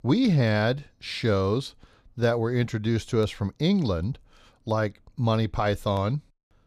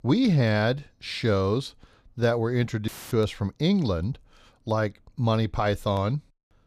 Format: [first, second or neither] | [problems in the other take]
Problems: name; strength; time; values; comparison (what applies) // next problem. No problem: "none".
first | audio cutting out; filled with static; at 3 s